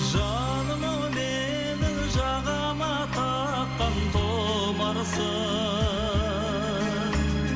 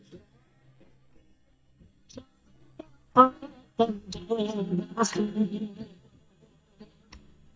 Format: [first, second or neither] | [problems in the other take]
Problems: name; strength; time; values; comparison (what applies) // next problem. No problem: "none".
first | noise reduction (neural mask model DeepFilterNet 3)